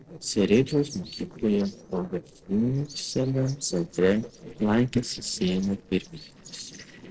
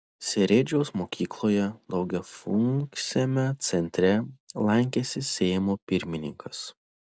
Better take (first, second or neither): second